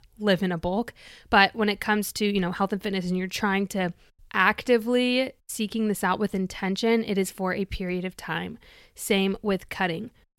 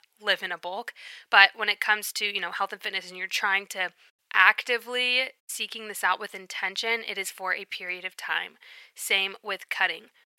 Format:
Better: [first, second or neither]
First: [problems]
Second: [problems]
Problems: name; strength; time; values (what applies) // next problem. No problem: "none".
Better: first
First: none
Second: thin; very; fading below 800 Hz